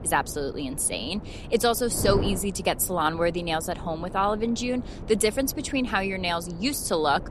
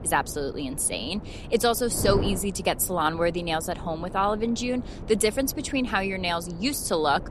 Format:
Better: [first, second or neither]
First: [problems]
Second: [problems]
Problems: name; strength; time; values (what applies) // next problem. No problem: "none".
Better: neither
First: wind noise on the microphone; occasional gusts; 15 dB below the speech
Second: wind noise on the microphone; occasional gusts; 15 dB below the speech